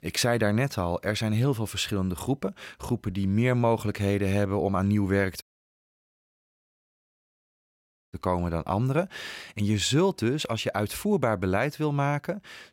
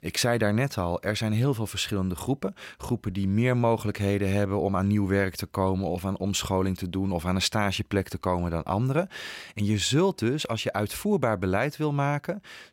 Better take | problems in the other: second | audio cutting out; at 5.5 s for 2.5 s

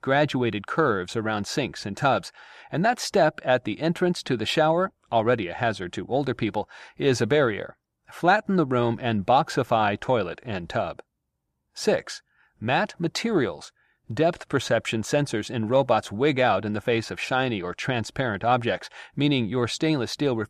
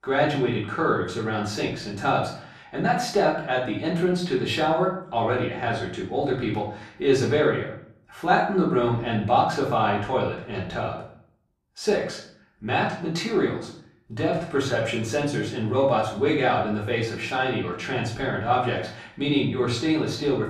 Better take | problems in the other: first | off-mic speech; far // room echo; noticeable; dies away in 0.5 s

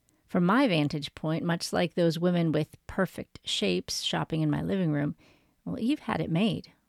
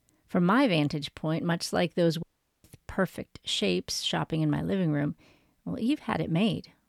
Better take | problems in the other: first | audio cutting out; at 2 s

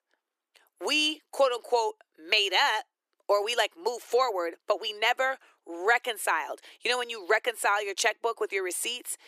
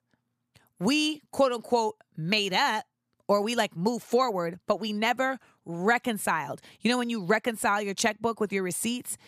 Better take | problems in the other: second | thin; very; fading below 350 Hz

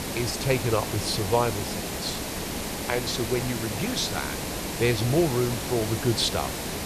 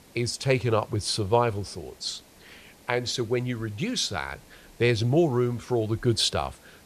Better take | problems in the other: second | hiss; loud; throughout; 3 dB below the speech; faint in the second

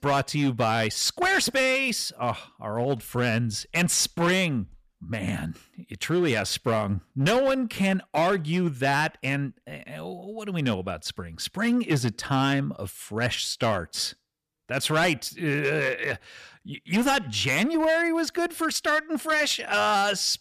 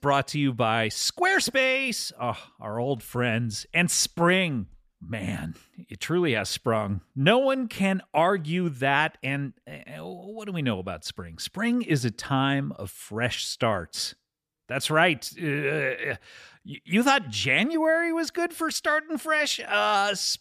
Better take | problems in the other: second | distortion; slight; 7% of the sound clipped

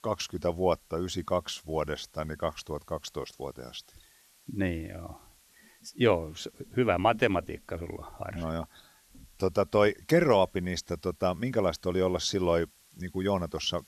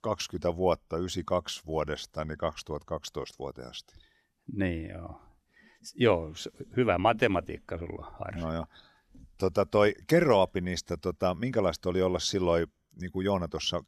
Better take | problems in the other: second | hiss; faint; throughout; 30 dB below the speech

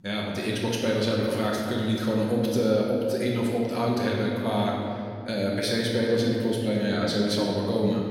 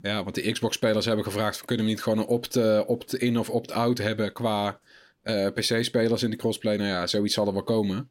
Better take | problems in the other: second | room echo; noticeable; dies away in 2.4 s // off-mic speech; far

